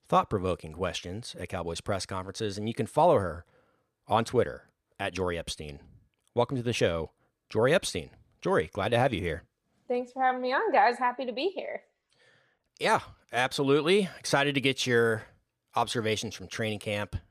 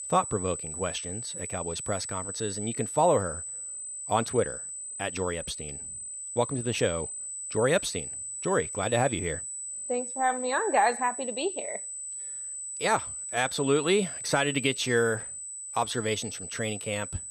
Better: first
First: none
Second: high-pitched whine; loud; throughout; 8 kHz, 6 dB below the speech

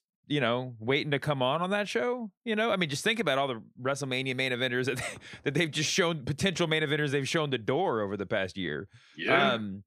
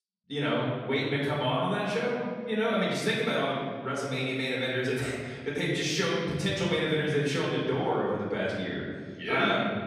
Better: first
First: none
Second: off-mic speech; far // room echo; noticeable; dies away in 1.7 s

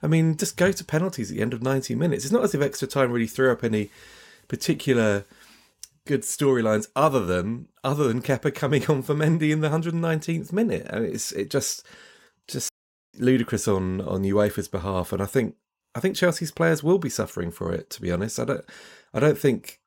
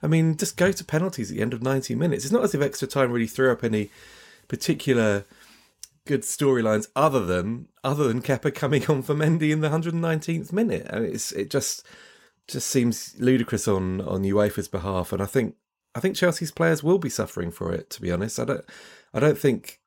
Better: second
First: audio cutting out; at 13 s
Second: none

